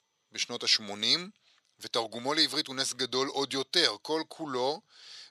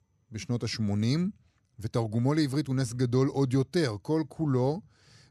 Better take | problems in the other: second | thin; very; fading below 600 Hz

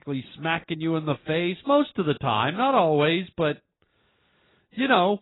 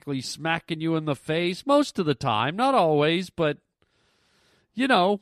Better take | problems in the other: second | garbled, watery; badly; nothing above 4 kHz

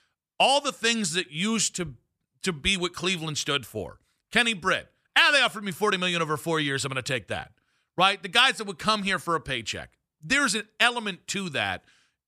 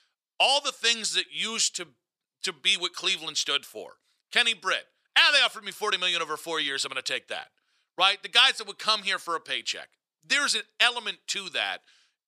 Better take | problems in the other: first | thin; somewhat; fading below 400 Hz

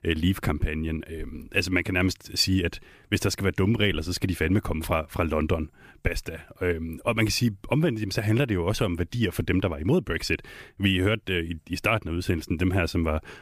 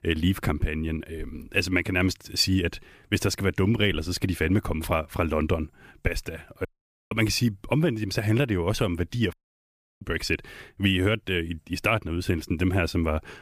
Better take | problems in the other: first | audio cutting out; at 6.5 s and at 9.5 s for 0.5 s

